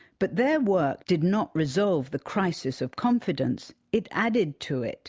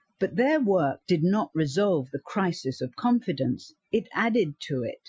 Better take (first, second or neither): first